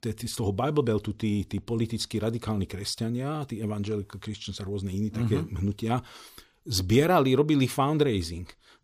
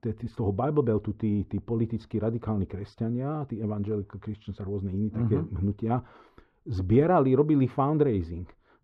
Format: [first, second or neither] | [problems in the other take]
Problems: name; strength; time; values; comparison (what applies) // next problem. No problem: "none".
first | muffled; very; fading above 3.5 kHz